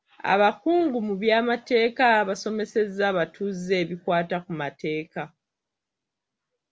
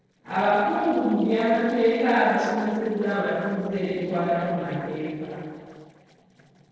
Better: first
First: none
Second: noise reduction (neural separator model SepFormer DNS4)

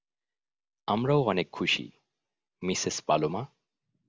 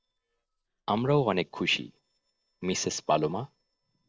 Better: first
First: none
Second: noise reduction (neural separator model SepFormer DNS4)

